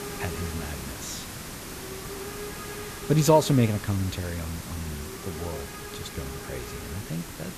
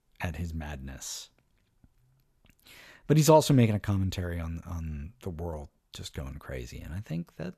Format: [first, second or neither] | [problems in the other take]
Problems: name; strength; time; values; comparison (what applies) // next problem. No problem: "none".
second | hiss; loud; throughout; 9 dB below the speech